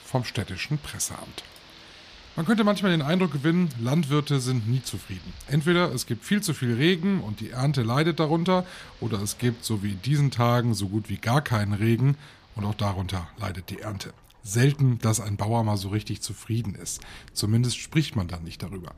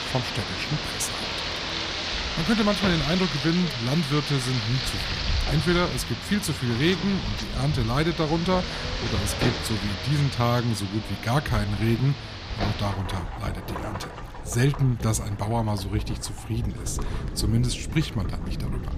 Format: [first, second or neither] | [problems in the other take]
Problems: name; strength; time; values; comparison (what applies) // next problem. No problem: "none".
first | rain or running water; loud; throughout; 4 dB below the speech; faint in the first